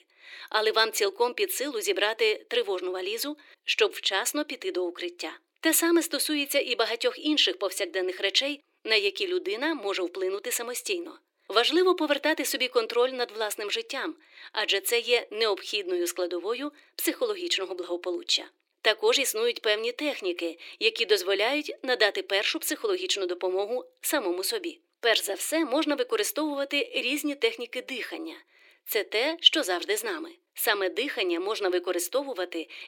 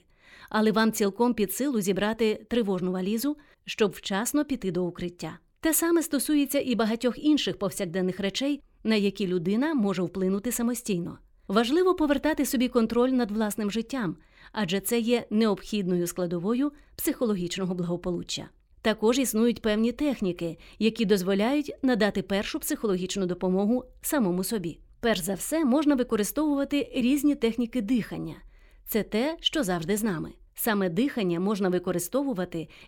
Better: second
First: thin; very; fading below 300 Hz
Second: none

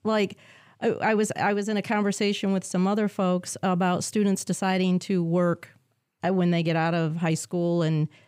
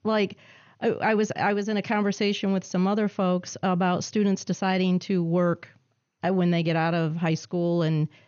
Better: first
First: none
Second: garbled, watery; slightly; nothing above 6.5 kHz

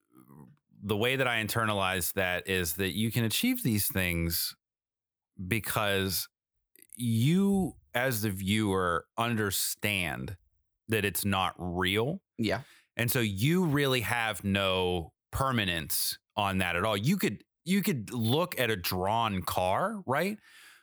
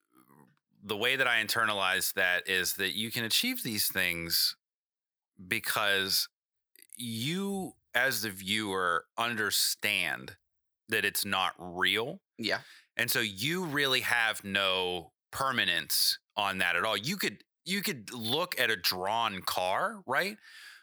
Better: first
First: none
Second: thin; somewhat; fading below 450 Hz

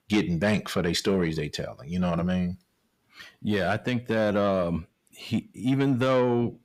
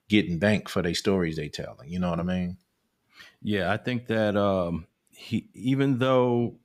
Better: second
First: distortion; slight; 10 dB below the speech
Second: none

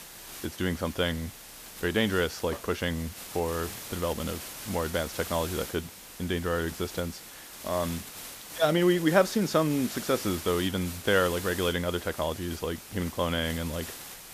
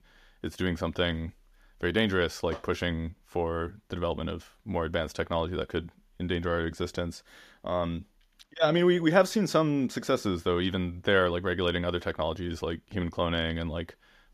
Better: second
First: hiss; noticeable; throughout; 10 dB below the speech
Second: none

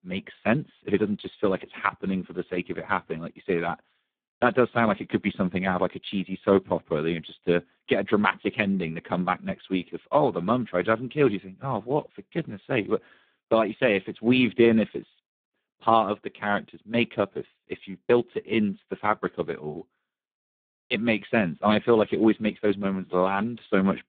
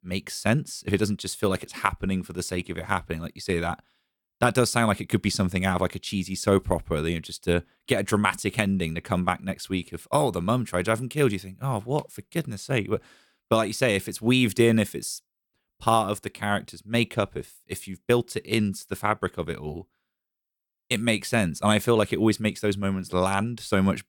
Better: second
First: phone-call audio; poor line; nothing above 3.5 kHz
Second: none

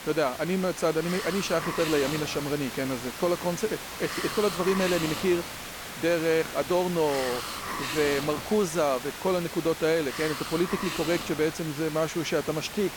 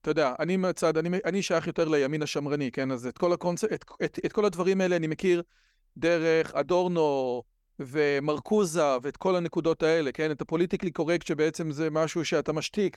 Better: second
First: hiss; loud; throughout; 7 dB below the speech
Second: none

